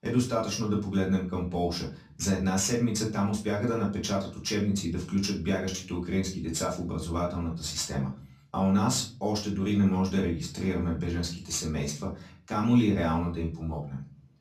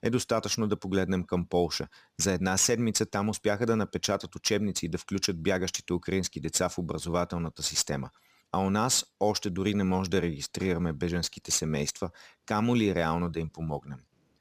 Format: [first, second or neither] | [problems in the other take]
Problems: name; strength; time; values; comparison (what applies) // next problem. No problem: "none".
second | off-mic speech; far // room echo; slight; dies away in 0.4 s